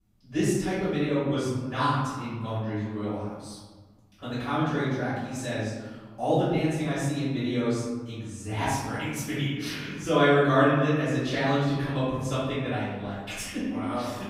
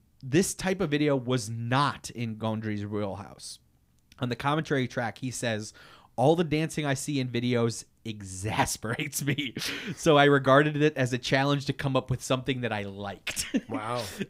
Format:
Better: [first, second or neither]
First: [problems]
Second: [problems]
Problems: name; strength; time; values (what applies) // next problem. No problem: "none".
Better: second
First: off-mic speech; far // room echo; strong; dies away in 1.3 s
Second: none